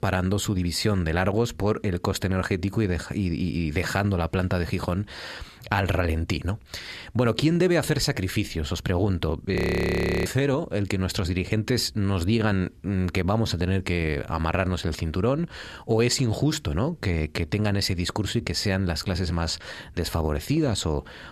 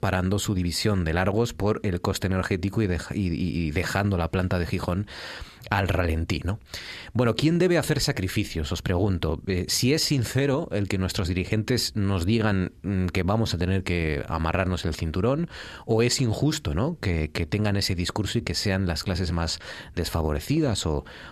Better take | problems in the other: second | audio freezing; at 9.5 s for 0.5 s

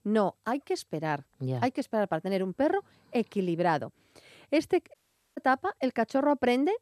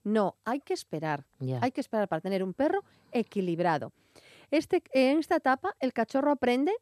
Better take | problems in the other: second | audio cutting out; at 5 s

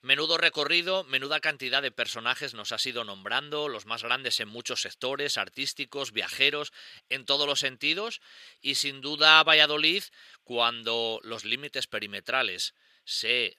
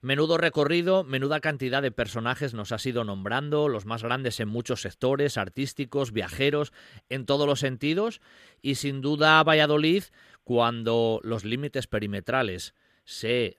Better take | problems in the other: second | thin; somewhat; fading below 1 kHz

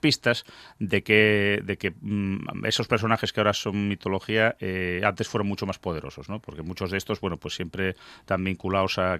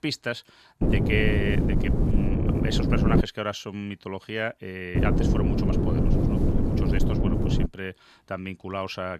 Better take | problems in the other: first | wind noise on the microphone; heavy; from 1 to 3 s and from 5 to 7.5 s; as loud as the speech

